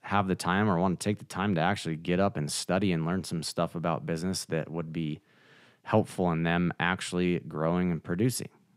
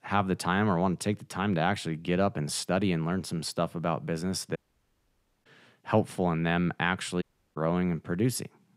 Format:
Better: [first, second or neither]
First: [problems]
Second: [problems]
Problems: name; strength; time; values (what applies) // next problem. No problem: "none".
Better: first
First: none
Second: audio cutting out; at 4.5 s for 1 s and at 7 s